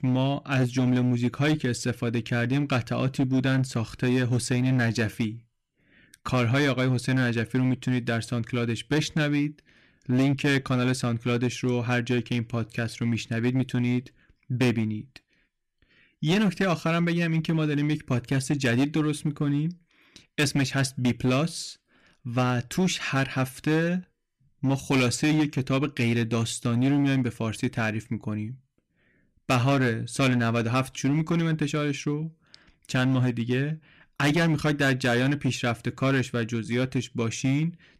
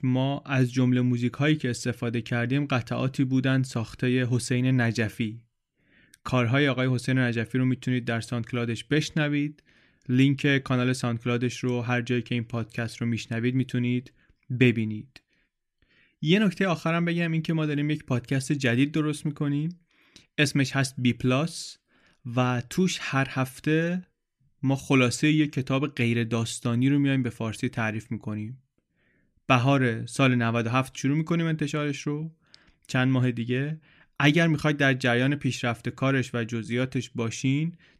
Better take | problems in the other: second | distortion; slight; 7% of the sound clipped

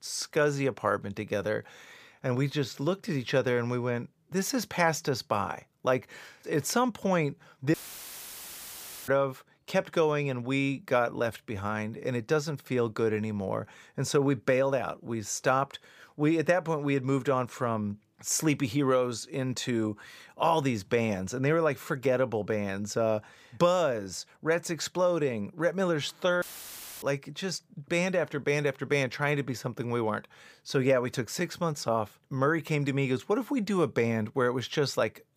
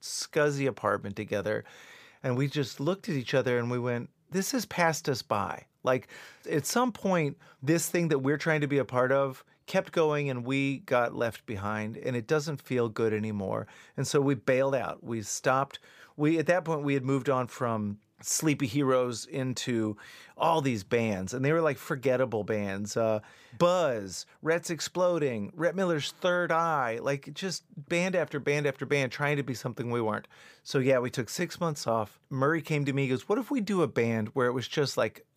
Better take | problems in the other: second | audio cutting out; filled with static; at 7.5 s for 1.5 s and at 26 s for 0.5 s

